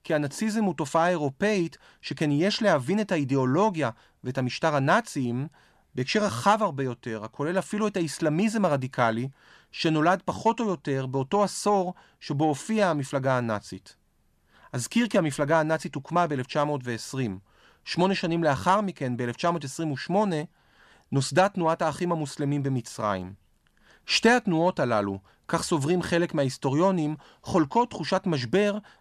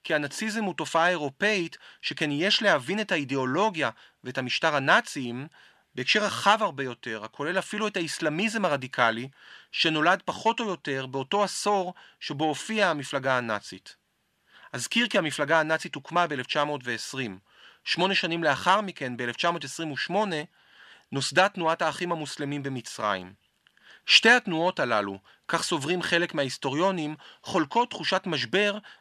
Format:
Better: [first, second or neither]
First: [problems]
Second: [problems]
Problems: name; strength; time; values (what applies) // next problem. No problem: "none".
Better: first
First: none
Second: thin; very slightly; fading below 250 Hz